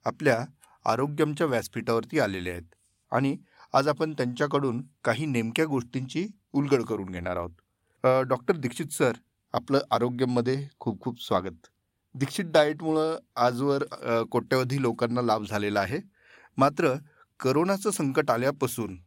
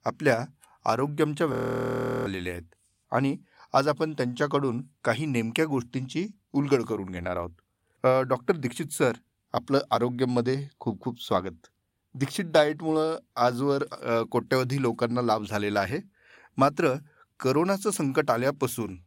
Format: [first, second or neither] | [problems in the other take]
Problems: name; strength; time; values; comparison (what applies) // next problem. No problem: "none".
first | audio freezing; at 1.5 s for 0.5 s